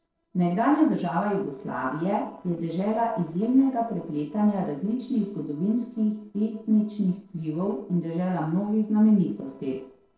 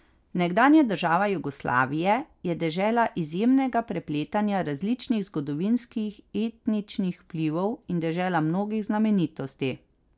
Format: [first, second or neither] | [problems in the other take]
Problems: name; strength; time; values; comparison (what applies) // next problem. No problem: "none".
second | noise reduction (neural separator model SepFormer DNS4)